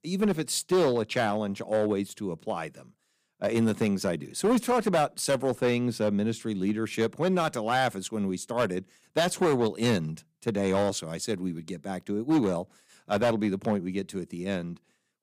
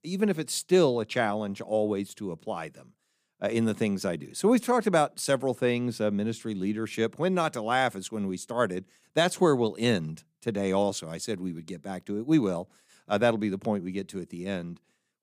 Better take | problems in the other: second | distortion; slight; 5% of the sound clipped

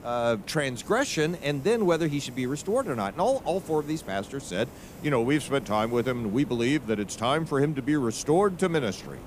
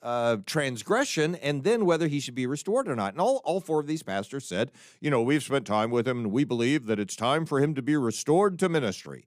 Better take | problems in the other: second | hiss; noticeable; throughout; 20 dB below the speech

